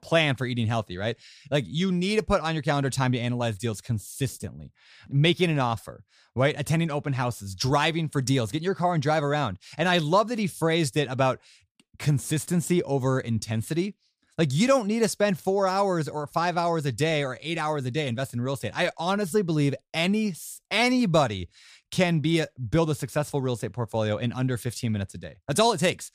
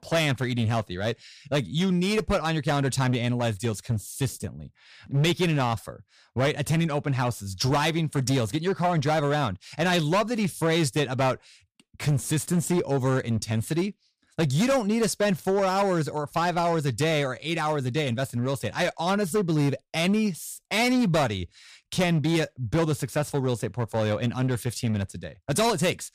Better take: first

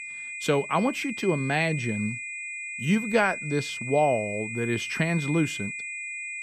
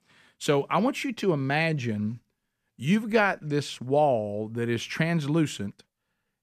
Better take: second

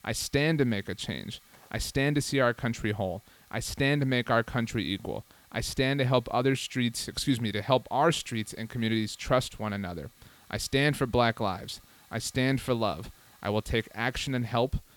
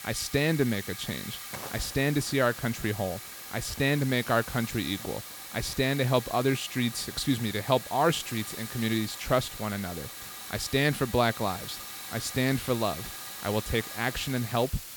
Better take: first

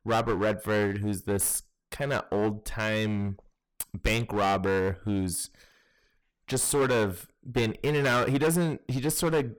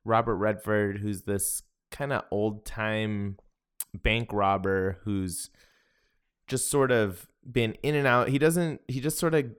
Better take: second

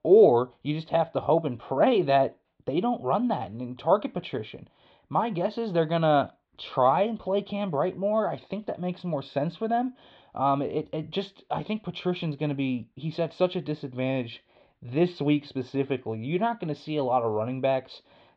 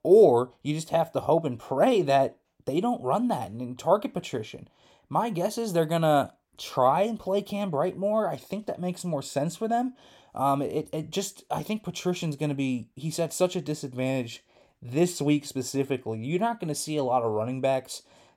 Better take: second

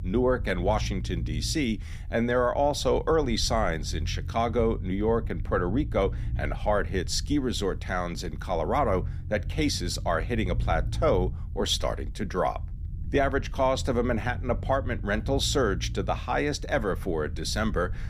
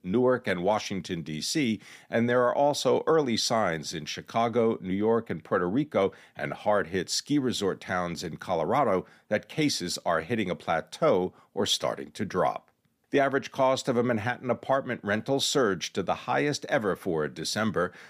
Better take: second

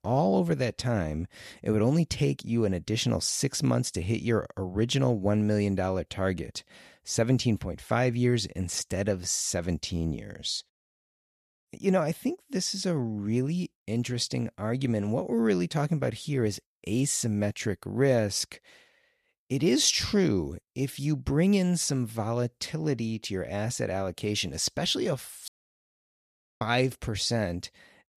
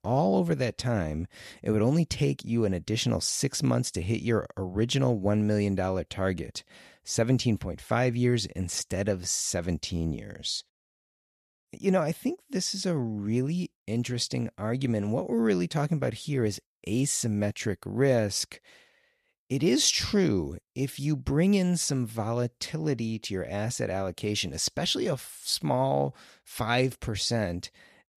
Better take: second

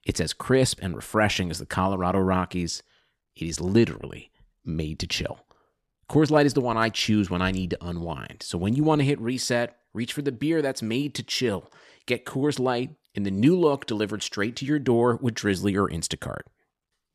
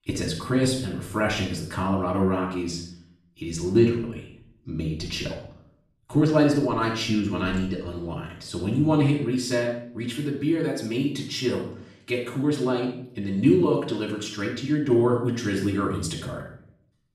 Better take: first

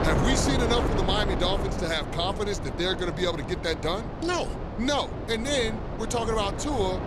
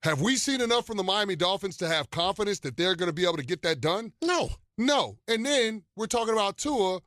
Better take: second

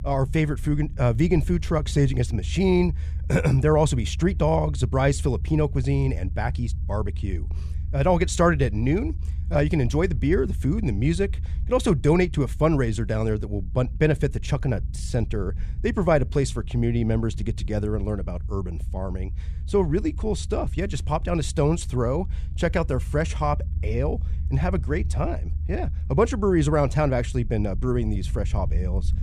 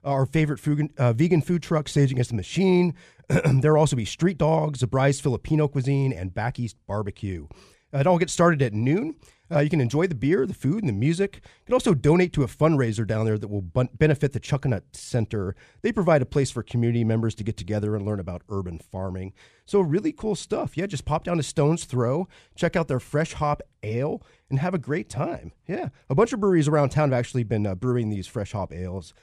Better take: second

